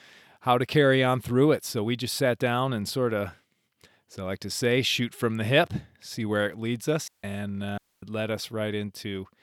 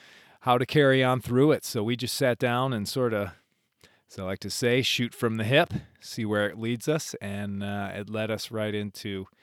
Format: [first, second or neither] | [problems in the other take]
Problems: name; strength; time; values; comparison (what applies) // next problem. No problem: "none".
second | audio cutting out; at 7 s and at 8 s